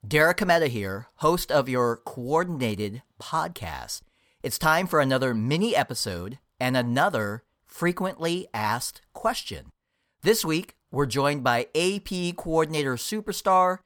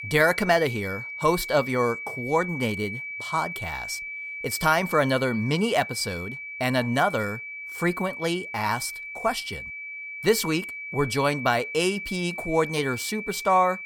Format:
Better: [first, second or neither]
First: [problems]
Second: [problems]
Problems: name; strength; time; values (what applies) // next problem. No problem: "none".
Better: first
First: none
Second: high-pitched whine; loud; throughout; 2.5 kHz, 8 dB below the speech